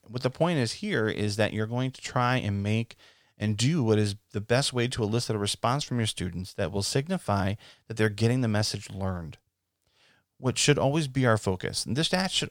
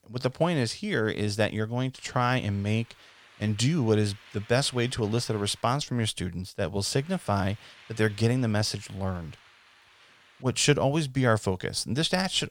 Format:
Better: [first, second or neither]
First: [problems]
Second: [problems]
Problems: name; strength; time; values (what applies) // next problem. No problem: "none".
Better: first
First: none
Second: hiss; faint; from 2 to 5.5 s and from 7 to 10 s; 25 dB below the speech